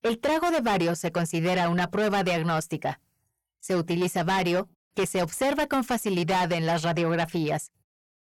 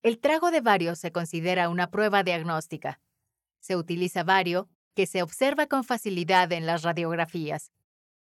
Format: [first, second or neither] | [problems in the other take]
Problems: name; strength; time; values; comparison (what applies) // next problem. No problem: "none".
second | distortion; heavy; 6 dB below the speech